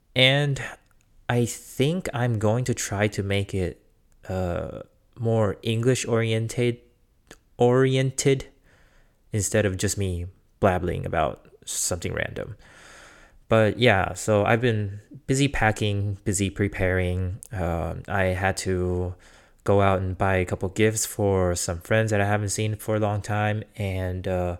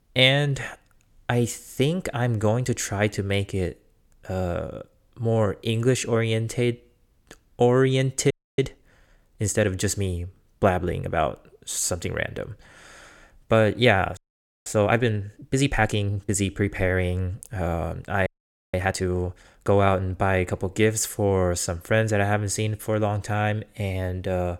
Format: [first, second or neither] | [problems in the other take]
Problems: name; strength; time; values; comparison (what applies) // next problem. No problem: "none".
first | audio freezing; at 8.5 s, at 14 s and at 18 s